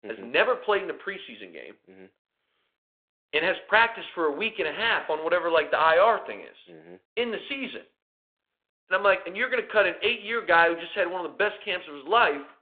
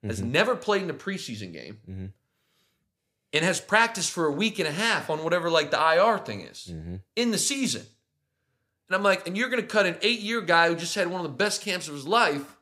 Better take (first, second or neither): second